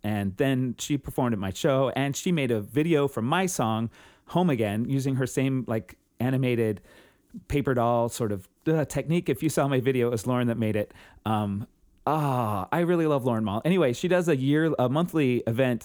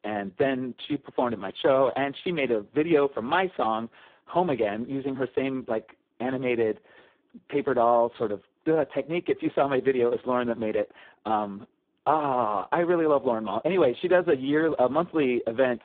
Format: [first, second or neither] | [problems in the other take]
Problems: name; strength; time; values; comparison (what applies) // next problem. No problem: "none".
first | phone-call audio; poor line